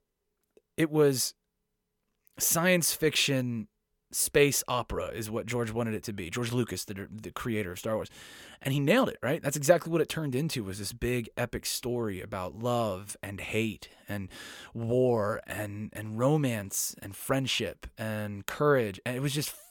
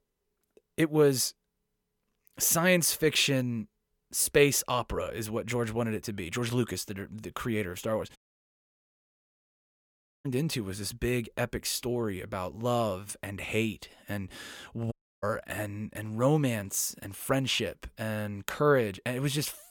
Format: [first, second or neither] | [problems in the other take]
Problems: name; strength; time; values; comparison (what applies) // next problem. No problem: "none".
first | audio cutting out; at 8 s for 2 s and at 15 s